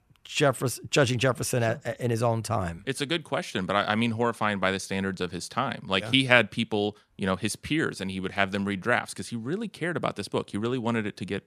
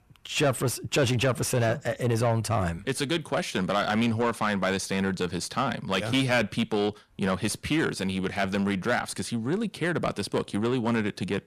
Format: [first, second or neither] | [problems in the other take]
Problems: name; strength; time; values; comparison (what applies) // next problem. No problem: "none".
first | distortion; heavy; 8 dB below the speech